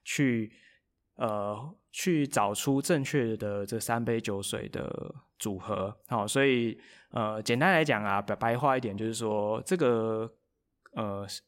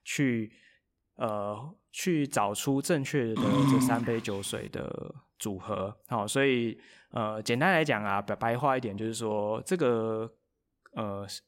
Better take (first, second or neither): first